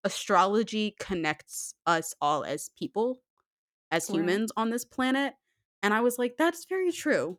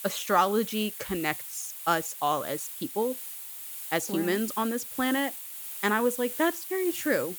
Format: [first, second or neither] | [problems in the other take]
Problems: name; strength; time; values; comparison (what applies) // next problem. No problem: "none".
first | hiss; loud; throughout; 7 dB below the speech